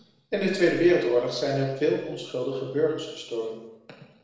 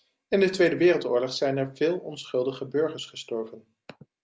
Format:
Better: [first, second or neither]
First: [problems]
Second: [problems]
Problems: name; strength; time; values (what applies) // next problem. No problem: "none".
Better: second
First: room echo; dies away in 1 s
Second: none